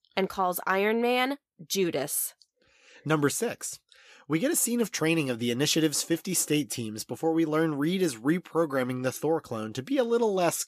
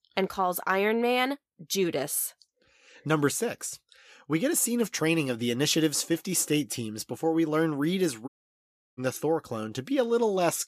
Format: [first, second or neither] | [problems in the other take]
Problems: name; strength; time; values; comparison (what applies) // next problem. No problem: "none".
first | audio cutting out; at 8.5 s for 0.5 s